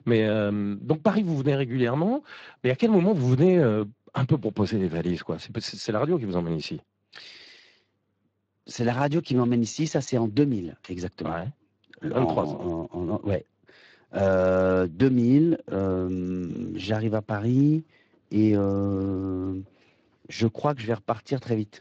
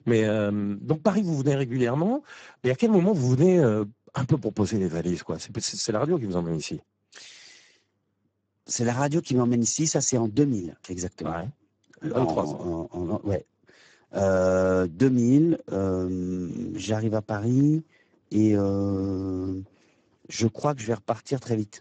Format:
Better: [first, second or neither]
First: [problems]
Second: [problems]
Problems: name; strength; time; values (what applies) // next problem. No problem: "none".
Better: first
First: garbled, watery; slightly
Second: garbled, watery; badly; nothing above 7.5 kHz